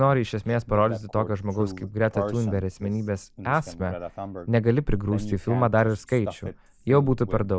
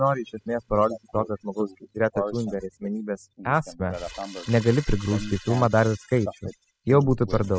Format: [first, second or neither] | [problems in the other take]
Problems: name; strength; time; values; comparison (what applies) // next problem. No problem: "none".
first | noise reduction (classical method spectral subtraction)